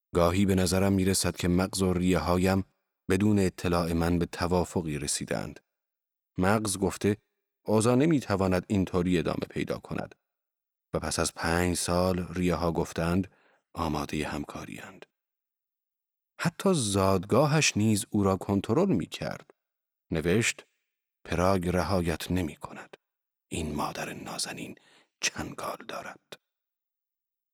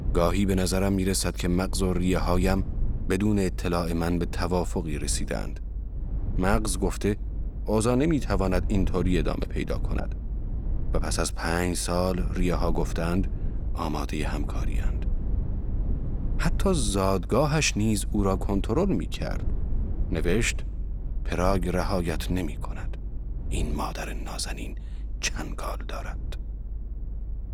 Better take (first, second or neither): first